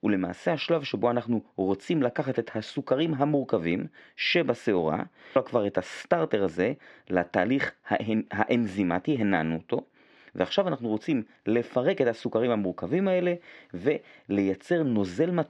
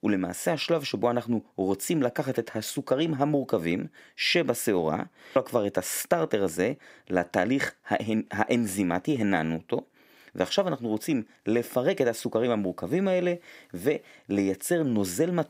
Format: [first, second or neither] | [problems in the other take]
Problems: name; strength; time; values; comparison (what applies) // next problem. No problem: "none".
second | muffled; slightly; fading above 4 kHz